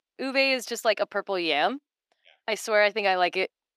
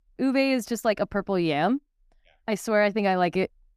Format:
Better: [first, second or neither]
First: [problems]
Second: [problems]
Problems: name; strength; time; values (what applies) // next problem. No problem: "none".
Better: second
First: thin; somewhat; fading below 500 Hz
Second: none